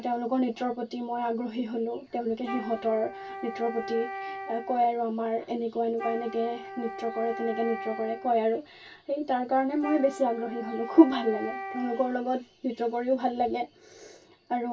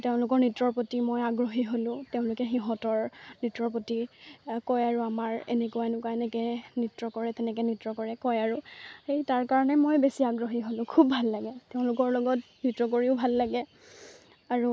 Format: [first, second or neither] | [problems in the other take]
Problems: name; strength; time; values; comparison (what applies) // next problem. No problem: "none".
second | background sound (Wind instrument, woodwind instrument); 11 dB below the speech // room echo; dies away in 0.1 s